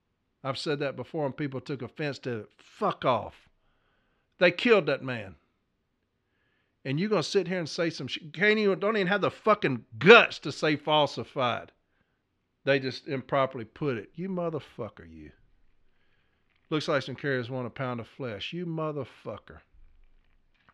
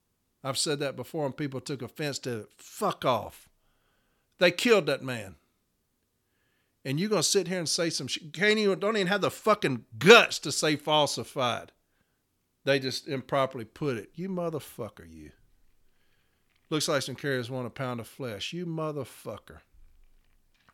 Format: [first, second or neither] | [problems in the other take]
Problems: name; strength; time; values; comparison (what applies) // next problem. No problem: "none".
second | muffled; slightly; fading above 2.5 kHz